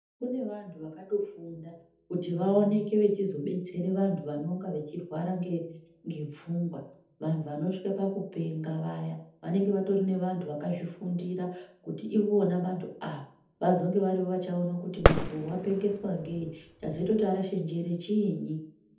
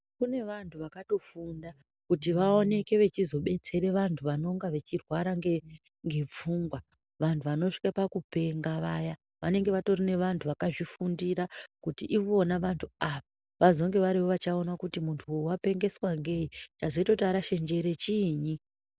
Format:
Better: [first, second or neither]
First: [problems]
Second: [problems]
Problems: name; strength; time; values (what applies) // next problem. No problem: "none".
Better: second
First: background sound (Fireworks); 1 dB above the speech // room echo; dies away in 0.6 s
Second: none